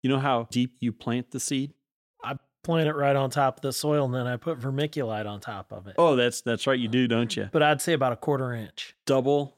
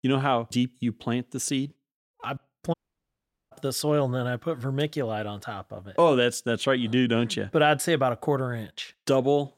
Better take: first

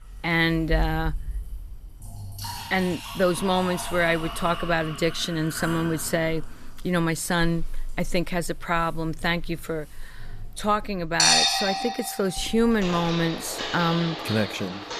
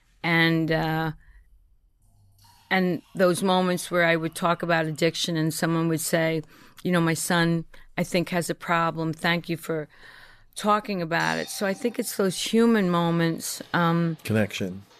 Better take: second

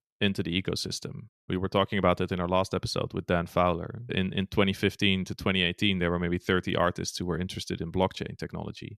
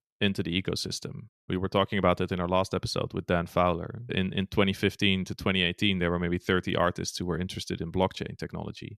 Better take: neither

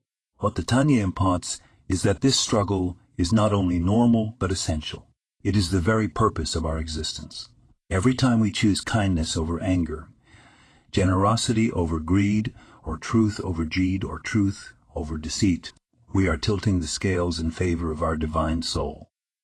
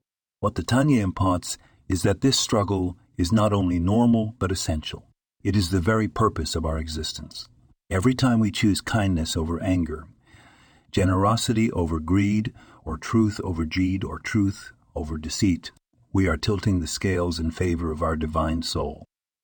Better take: second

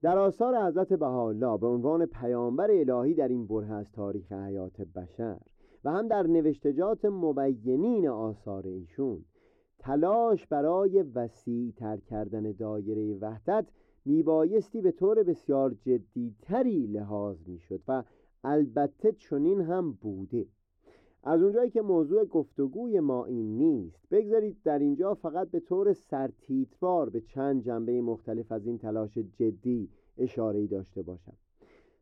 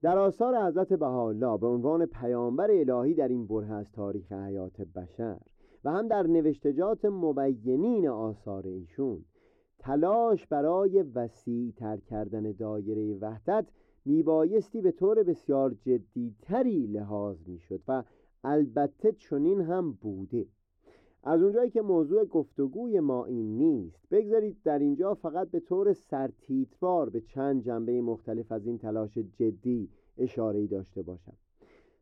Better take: neither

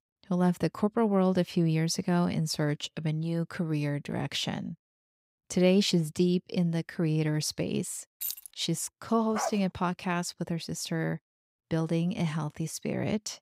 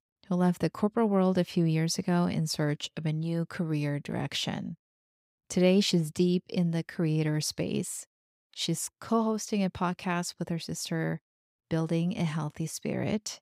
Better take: second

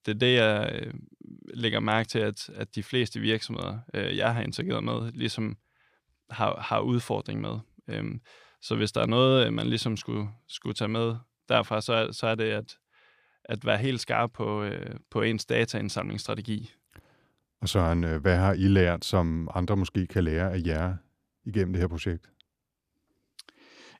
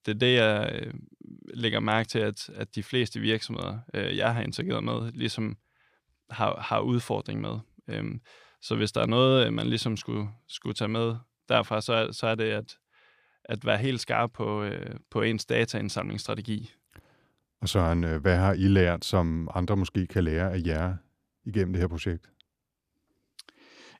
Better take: neither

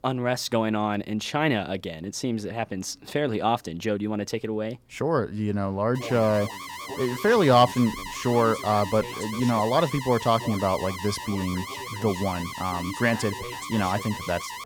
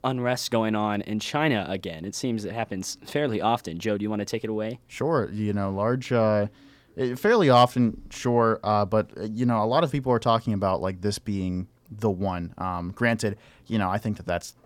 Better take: second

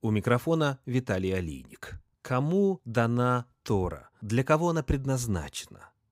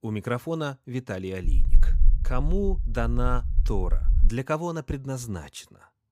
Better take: first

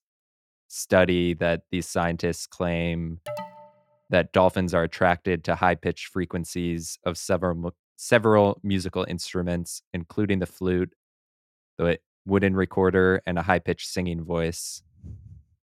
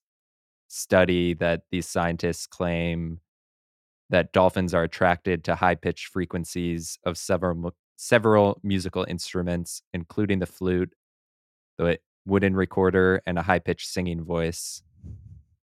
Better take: second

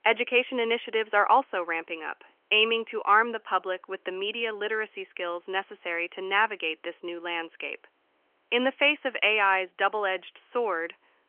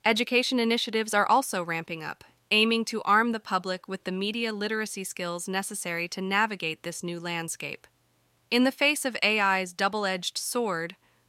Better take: second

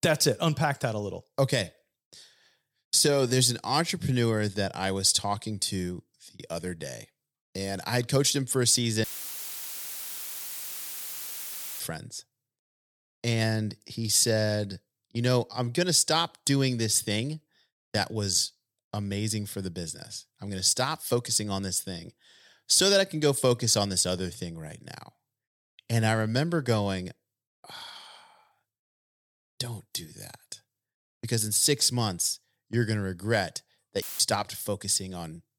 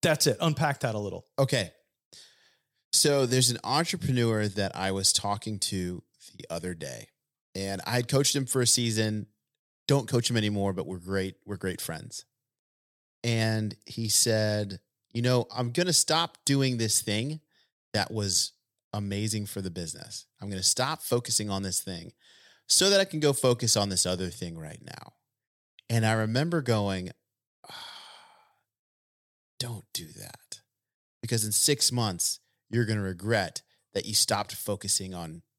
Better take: second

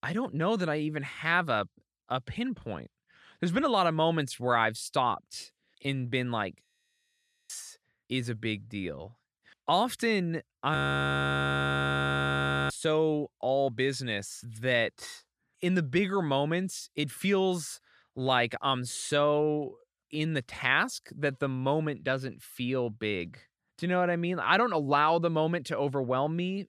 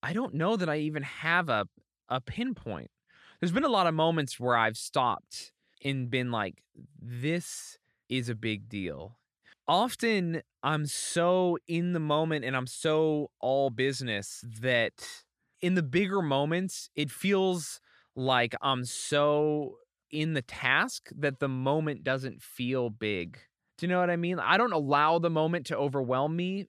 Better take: second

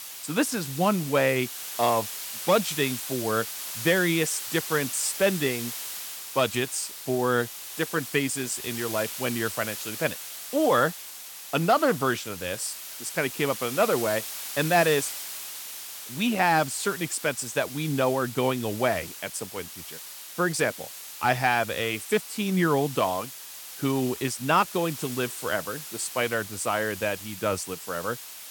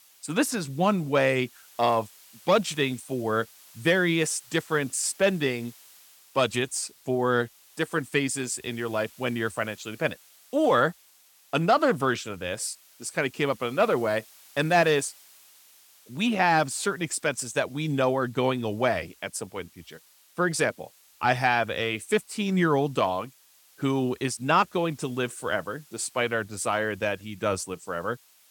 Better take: second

